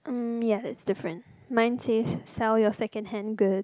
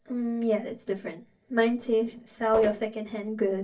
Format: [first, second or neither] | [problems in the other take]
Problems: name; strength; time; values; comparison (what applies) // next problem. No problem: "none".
first | noise reduction (neural separator model SepFormer DNS4)